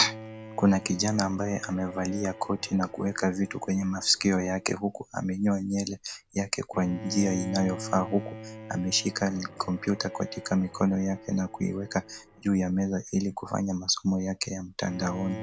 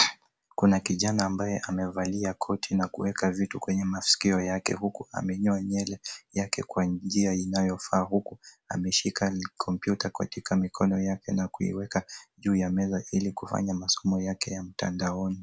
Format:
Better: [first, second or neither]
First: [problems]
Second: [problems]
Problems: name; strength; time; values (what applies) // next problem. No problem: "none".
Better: second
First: background sound (Bowed string instrument); 15 dB below the speech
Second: none